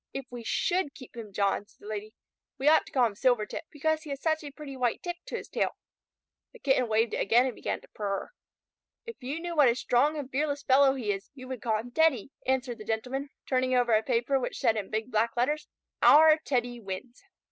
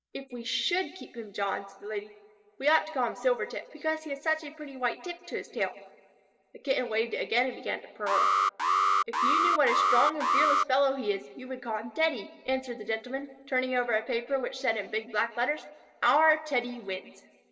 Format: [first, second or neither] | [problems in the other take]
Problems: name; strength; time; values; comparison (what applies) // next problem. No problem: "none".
first | background sound (Alarm); 4 dB above the speech // room echo; dies away in 1.6 s